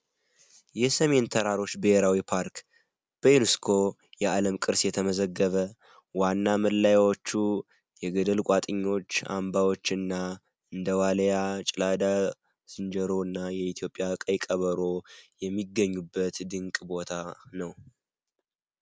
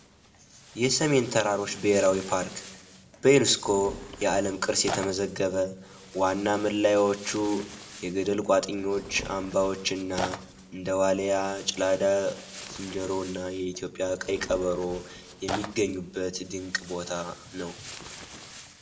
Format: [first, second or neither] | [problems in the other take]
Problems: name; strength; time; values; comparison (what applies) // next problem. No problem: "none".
first | background sound (Tearing); 15 dB below the speech // room echo; dies away in 0.5 s